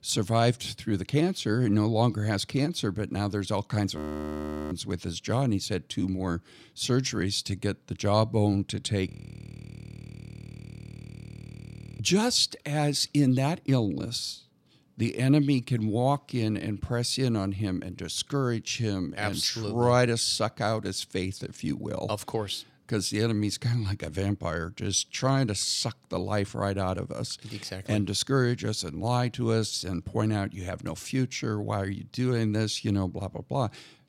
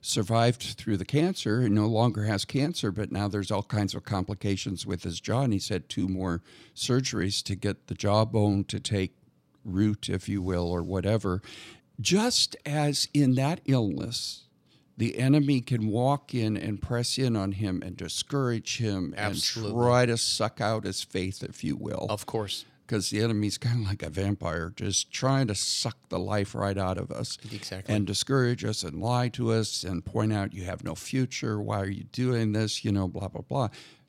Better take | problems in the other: second | audio freezing; at 4 s for 0.5 s and at 9 s for 3 s

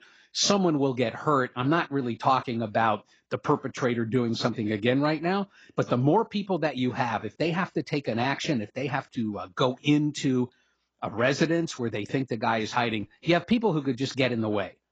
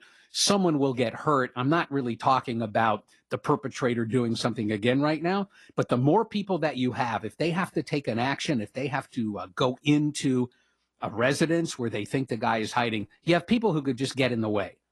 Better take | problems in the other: second | garbled, watery; badly; slightly in the second

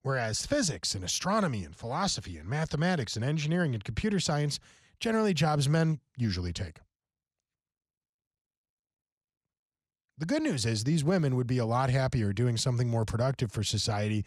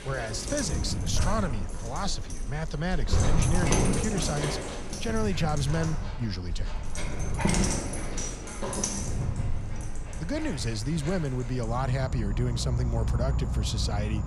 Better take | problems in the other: first | animal sounds; very loud; throughout; as loud as the speech

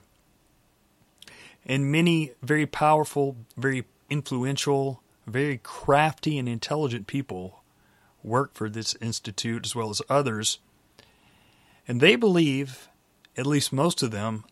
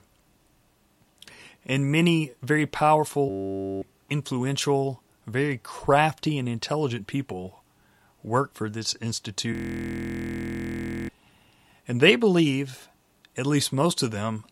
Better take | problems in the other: first | audio freezing; at 3.5 s for 0.5 s and at 9.5 s for 1.5 s

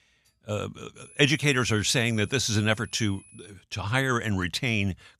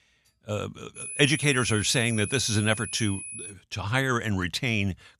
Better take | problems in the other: first | high-pitched whine; loud; from 1 to 3.5 s; 10 kHz, 9 dB below the speech; faint in the first

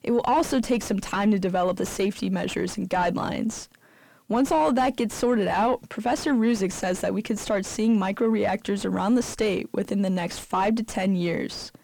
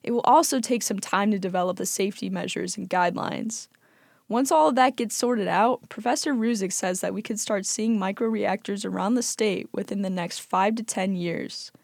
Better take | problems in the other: second | distortion; heavy; 7 dB below the speech

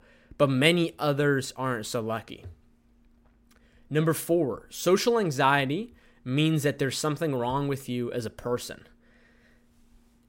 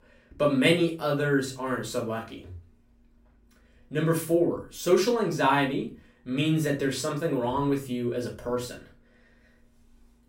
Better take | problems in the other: first | off-mic speech; far // room echo; slight; dies away in 0.3 s

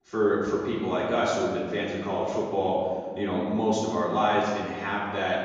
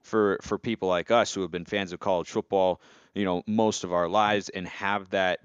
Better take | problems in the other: second | room echo; noticeable; dies away in 1.6 s // off-mic speech; far

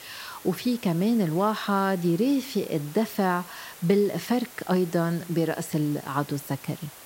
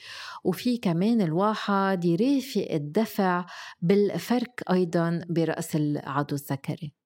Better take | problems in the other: second | hiss; noticeable; throughout; 15 dB below the speech

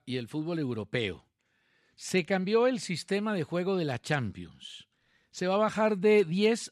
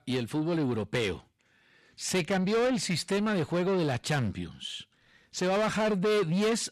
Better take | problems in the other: first | distortion; heavy; 7 dB below the speech

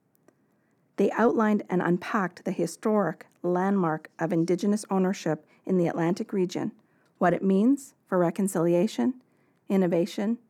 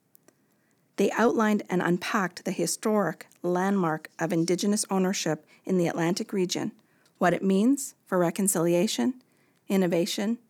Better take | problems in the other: second | muffled; slightly; fading above 2.5 kHz

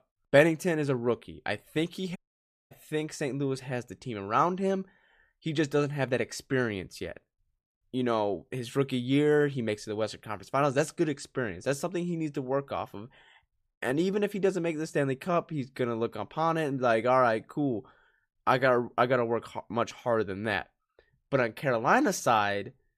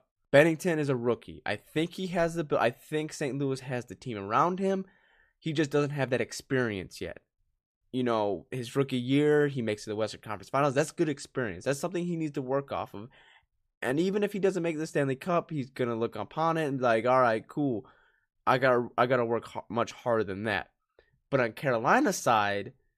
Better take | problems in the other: second | audio cutting out; at 2 s for 0.5 s

